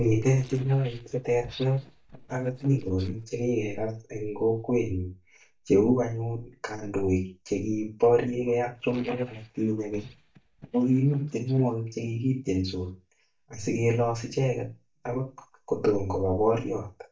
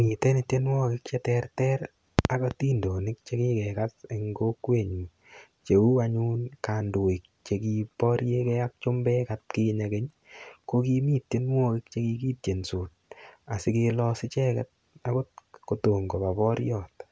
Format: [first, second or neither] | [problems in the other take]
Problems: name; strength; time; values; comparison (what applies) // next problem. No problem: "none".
second | noise reduction (neural mask model DeepFilterNet 3)